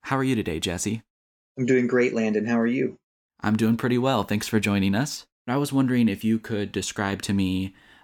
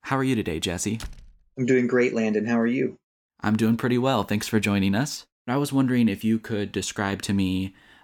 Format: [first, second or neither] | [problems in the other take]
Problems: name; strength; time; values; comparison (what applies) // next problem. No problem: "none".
first | door banging; faint; at 1 s; peak 15 dB below the speech